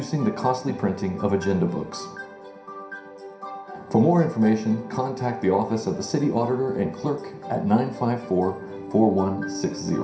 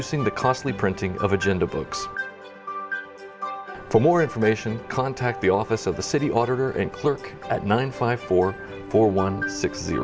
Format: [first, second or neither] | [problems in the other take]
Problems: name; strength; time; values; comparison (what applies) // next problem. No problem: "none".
second | room echo; dies away in 0.5 s